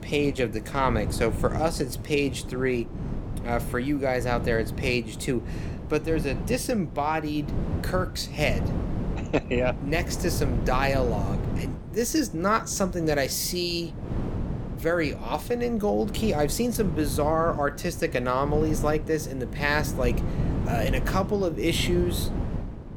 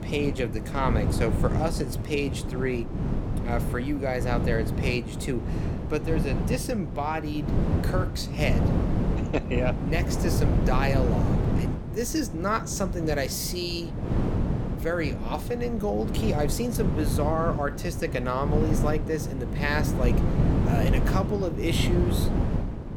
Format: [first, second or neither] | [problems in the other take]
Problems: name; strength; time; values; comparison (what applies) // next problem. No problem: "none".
first | wind noise on the microphone; heavy; 5 dB below the speech; occasional gusts in the first